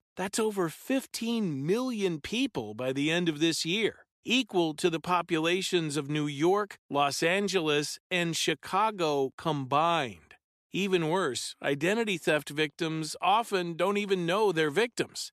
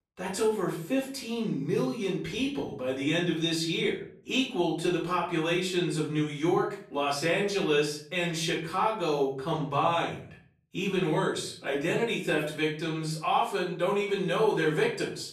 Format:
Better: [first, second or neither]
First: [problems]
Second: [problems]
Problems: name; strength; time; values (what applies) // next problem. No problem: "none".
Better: first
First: none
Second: room echo; slight; dies away in 0.5 s // off-mic speech; far